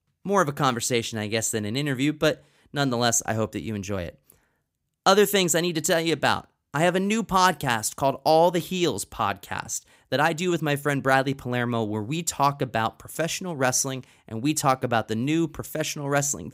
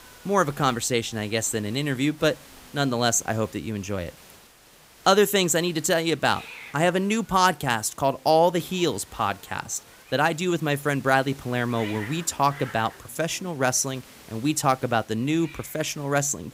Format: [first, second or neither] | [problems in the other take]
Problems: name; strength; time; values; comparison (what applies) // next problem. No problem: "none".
first | hiss; faint; throughout; 20 dB below the speech